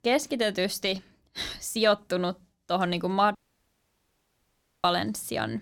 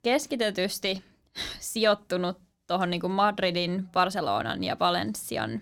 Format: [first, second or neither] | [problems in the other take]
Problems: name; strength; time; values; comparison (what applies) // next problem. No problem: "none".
second | audio cutting out; at 3.5 s for 1.5 s